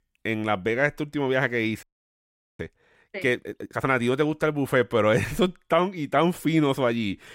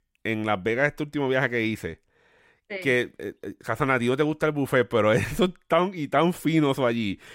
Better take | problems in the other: second | audio freezing; at 2 s for 1 s

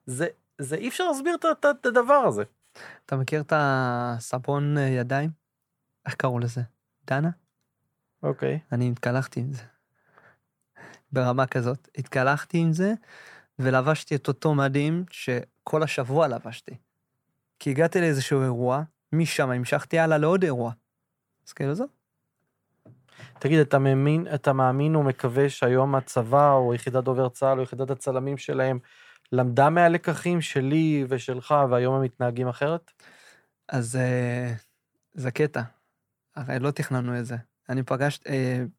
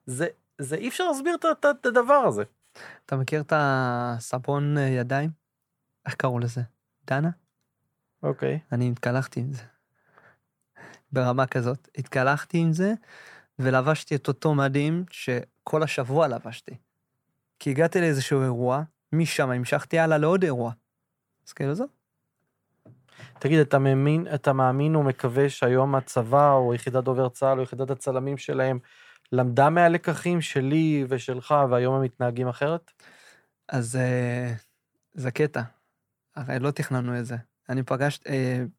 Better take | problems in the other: neither | none

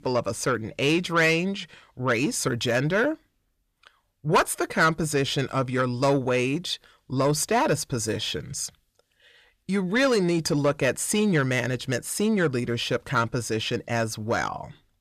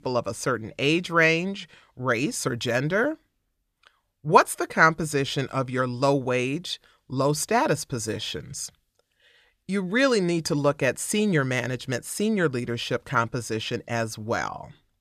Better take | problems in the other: second | distortion; slight; 10 dB below the speech

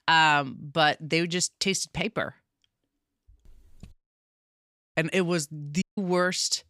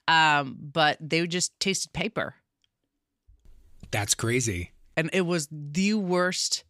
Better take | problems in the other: second | audio cutting out; at 4 s for 1 s and at 6 s

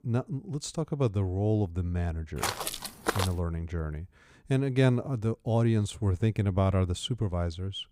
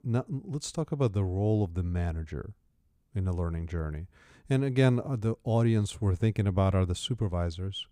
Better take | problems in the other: second | footsteps; noticeable; at 2.5 s; peak 2 dB below the speech

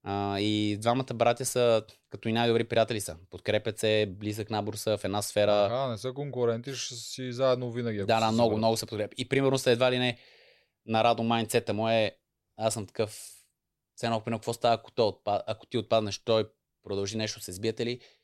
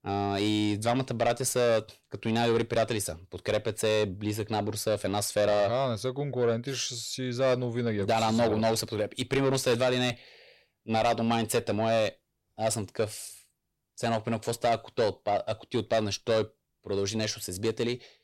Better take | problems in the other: first | distortion; slight; 10 dB below the speech

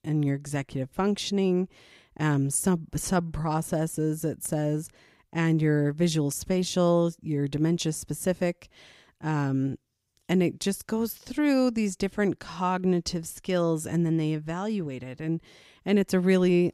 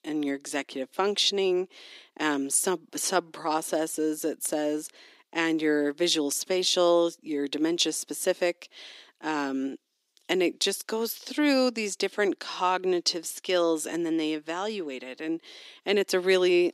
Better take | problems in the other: first | thin; somewhat; fading below 300 Hz

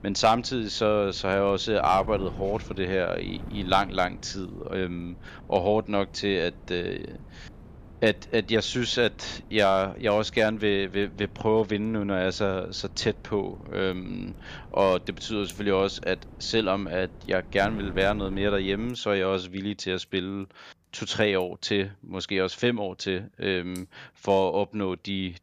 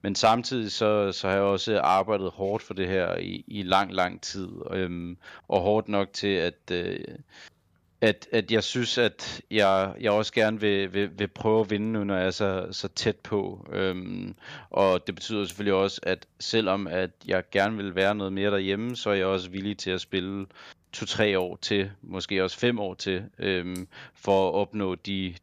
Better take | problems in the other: second | wind noise on the microphone; occasional gusts; until 19 s; 25 dB below the speech

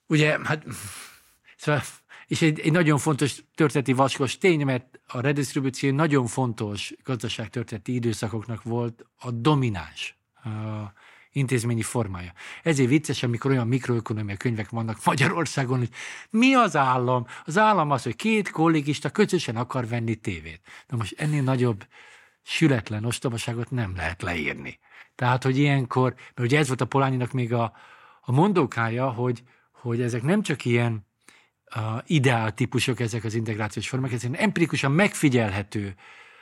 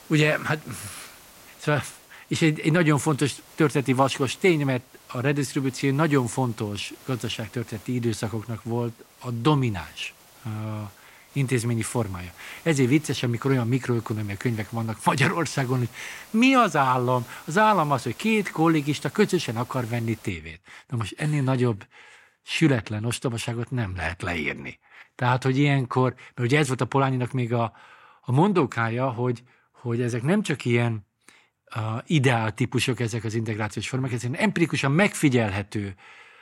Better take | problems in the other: first | hiss; faint; until 20 s; 25 dB below the speech

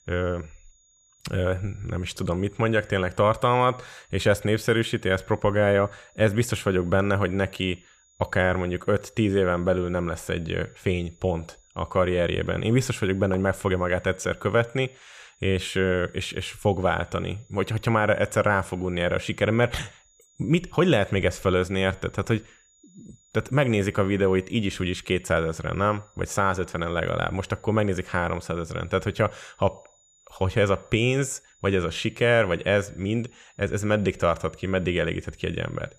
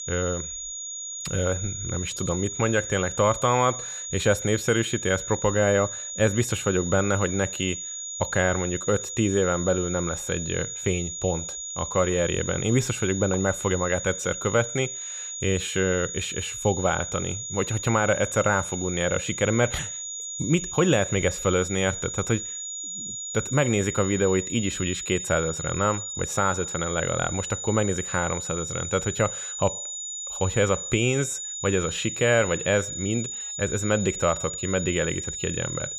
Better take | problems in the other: first | high-pitched whine; loud; throughout; 7 kHz, 6 dB below the speech; faint in the first

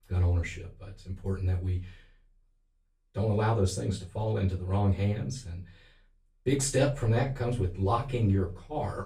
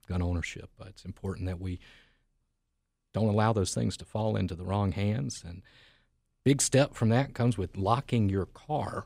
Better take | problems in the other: second | off-mic speech; far // room echo; slight; dies away in 0.3 s

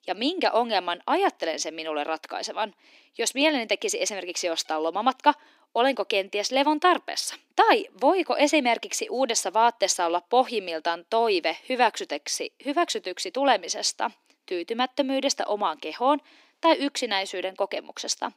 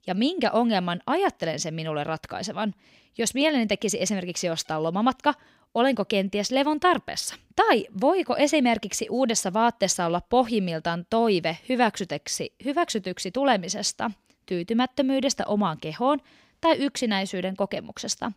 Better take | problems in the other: second | thin; somewhat; fading below 300 Hz

